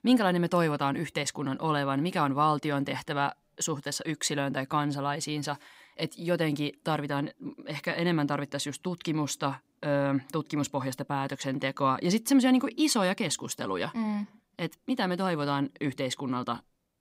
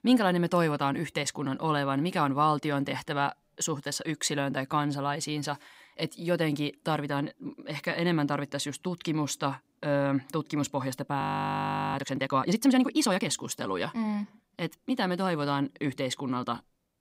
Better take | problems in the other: first | audio freezing; at 11 s for 0.5 s

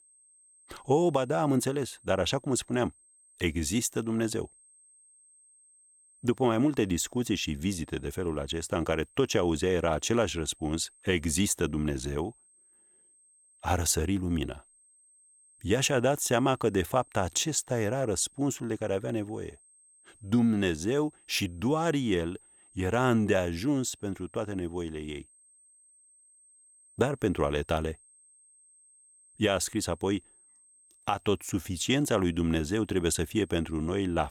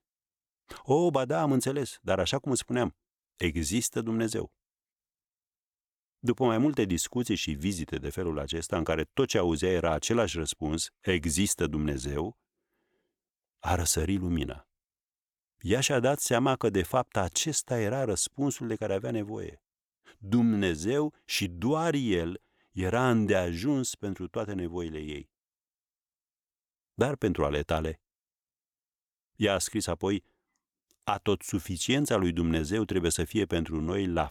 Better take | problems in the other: second | high-pitched whine; faint; throughout; 8.5 kHz, 30 dB below the speech

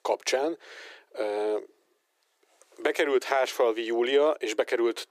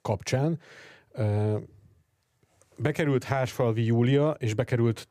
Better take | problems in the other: second | thin; very; fading below 350 Hz

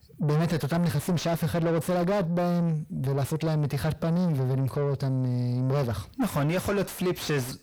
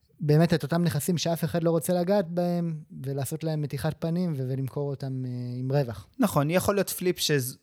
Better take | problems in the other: second | distortion; heavy; 6 dB below the speech

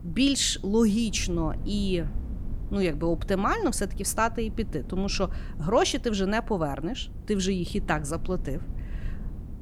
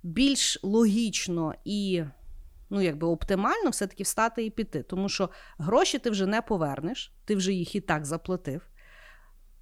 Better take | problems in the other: second | low rumble; faint; throughout; 20 dB below the speech

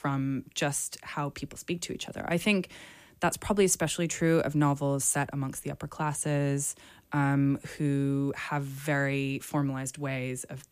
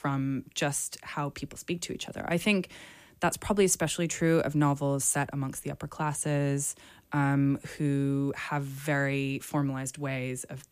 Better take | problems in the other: neither | none

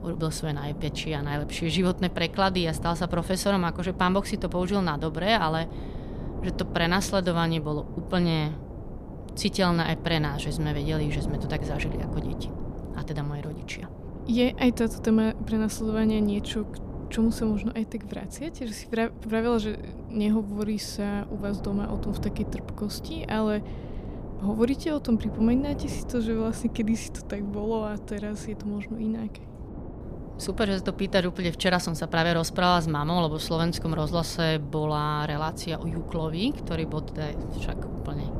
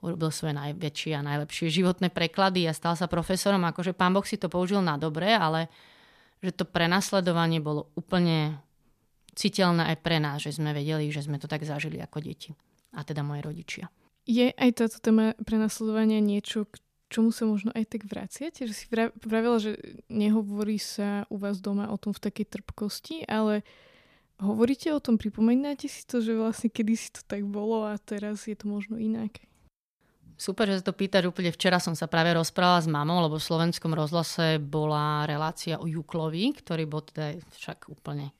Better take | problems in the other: second | wind noise on the microphone; occasional gusts; 15 dB below the speech

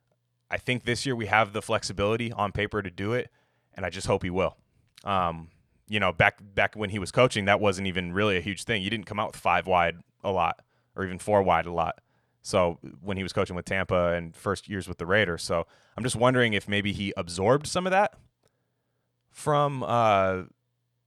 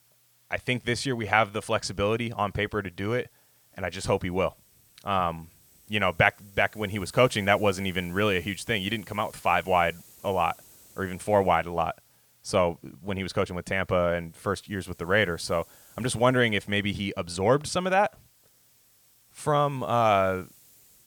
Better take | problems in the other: first | hiss; faint; throughout; 25 dB below the speech

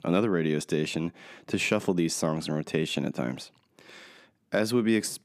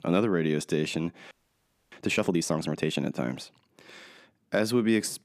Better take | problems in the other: first | audio freezing; at 1.5 s for 0.5 s

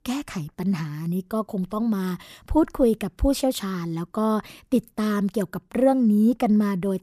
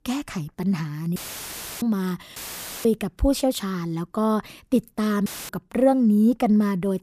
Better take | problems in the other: first | audio cutting out; filled with static; at 1 s for 0.5 s, at 2.5 s and at 5.5 s

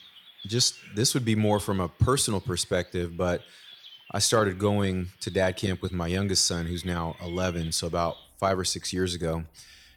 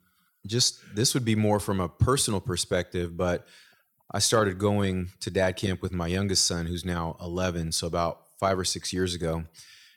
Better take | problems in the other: second | animal sounds; faint; throughout; 20 dB below the speech

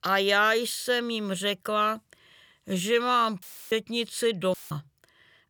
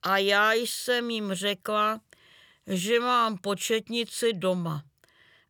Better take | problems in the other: second | audio cutting out; filled with static; at 3.5 s and at 4.5 s

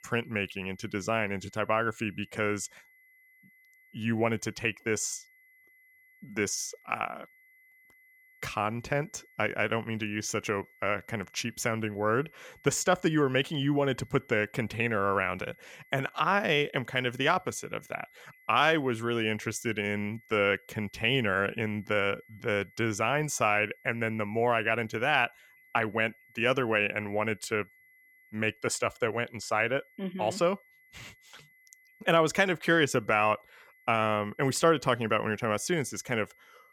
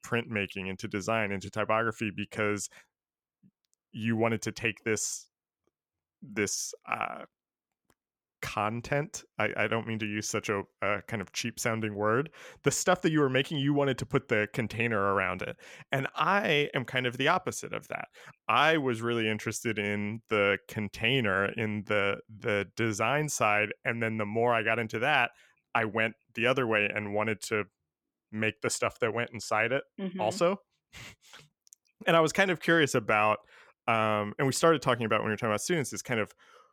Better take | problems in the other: second | high-pitched whine; faint; throughout; 2 kHz, 30 dB below the speech

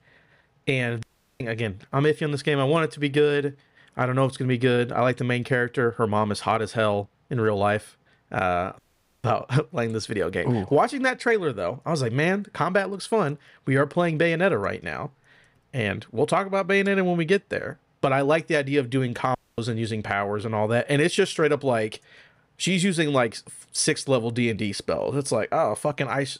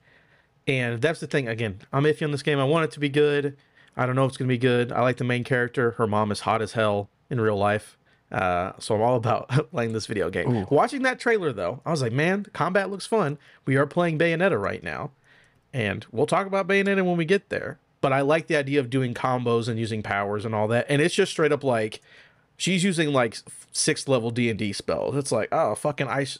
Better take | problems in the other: second | audio cutting out; at 1 s, at 9 s and at 19 s

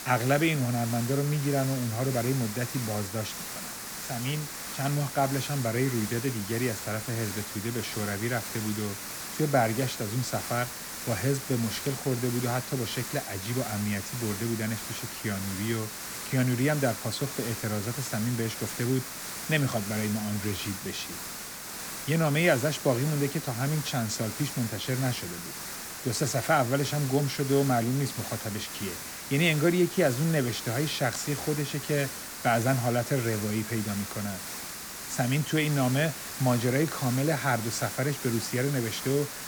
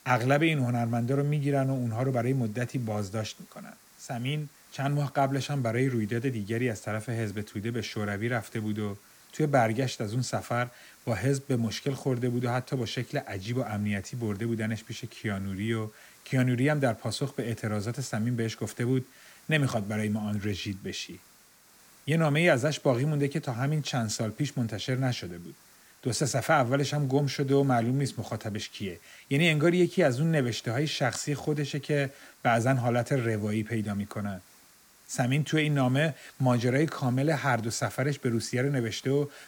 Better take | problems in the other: second | hiss; loud; throughout; 6 dB below the speech; faint in the second

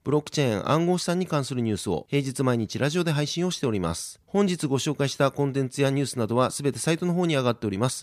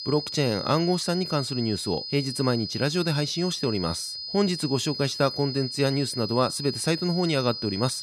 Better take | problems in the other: first | high-pitched whine; loud; throughout; 5 kHz, 6 dB below the speech

